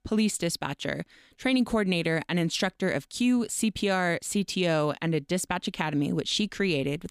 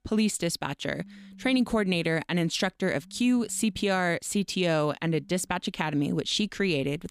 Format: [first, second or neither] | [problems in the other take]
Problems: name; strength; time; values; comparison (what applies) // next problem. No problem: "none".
first | alarms or sirens; faint; until 5.5 s; 25 dB below the speech